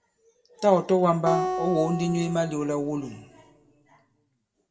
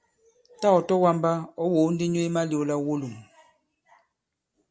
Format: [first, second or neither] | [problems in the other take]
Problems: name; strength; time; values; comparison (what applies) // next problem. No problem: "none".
second | background sound (Acoustic guitar); 6 dB below the speech // room echo; dies away in 0.9 s